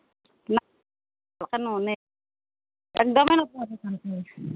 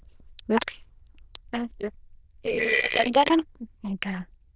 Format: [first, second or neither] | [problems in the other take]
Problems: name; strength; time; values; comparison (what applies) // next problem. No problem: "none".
first | noise reduction (neural diffusion model UNIVERSE++)